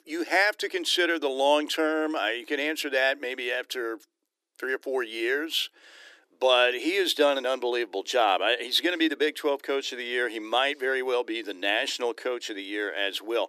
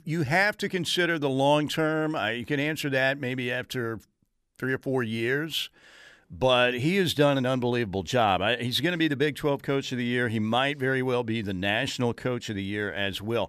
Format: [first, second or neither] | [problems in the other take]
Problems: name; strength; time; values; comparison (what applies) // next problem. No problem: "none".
second | thin; somewhat; fading below 300 Hz